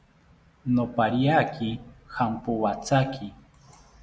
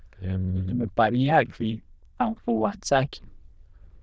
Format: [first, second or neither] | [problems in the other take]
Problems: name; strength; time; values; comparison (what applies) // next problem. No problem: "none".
first | noise reduction (neural diffusion model UNIVERSE++)